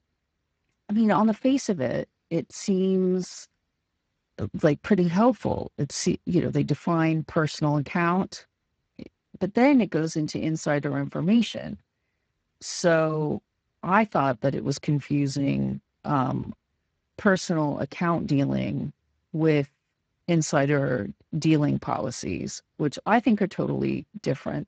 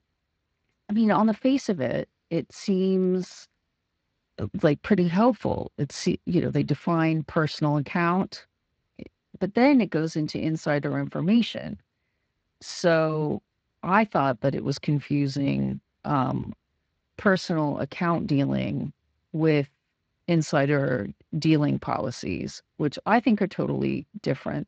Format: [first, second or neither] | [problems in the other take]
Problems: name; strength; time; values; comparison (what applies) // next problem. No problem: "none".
second | garbled, watery; badly; nothing above 7.5 kHz; slightly in the second